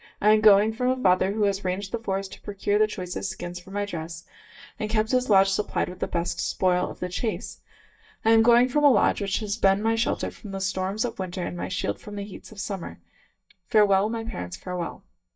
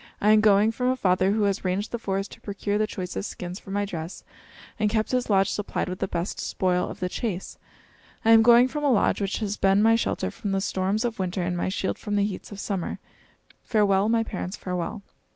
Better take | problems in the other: second | noise reduction (neural mask model DeepFilterNet 3)

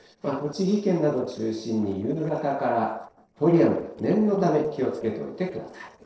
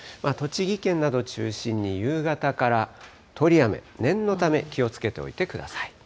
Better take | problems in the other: second | noise reduction (neural separator model SepFormer DNS4)

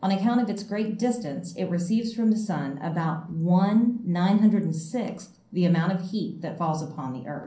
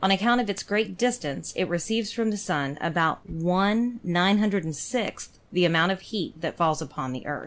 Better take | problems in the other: second | room echo; dies away in 0.6 s

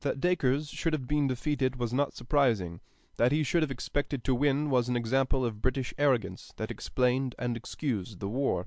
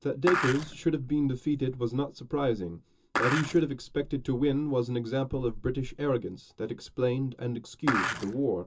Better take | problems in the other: first | background sound (Skateboard); 2 dB below the speech // room echo; dies away in 0.2 s

